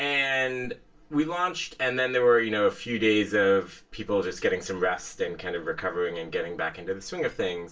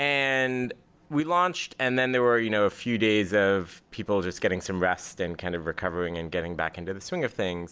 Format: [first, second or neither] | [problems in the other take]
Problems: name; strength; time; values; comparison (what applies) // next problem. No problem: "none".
second | room echo; dies away in 0.2 s